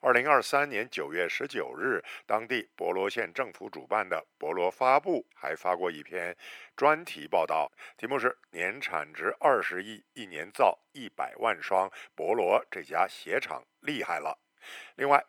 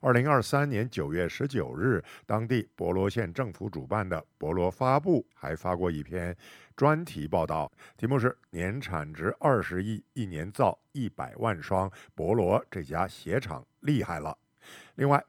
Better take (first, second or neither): second